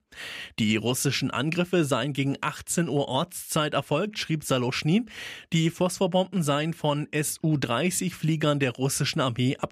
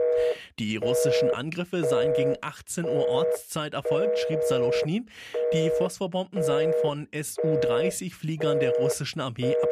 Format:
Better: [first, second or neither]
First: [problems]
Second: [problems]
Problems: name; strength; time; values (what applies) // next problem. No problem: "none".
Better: first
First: none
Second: alarms or sirens; very loud; throughout; 4 dB above the speech